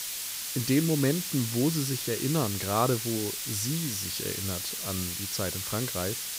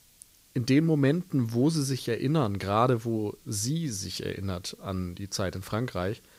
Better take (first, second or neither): second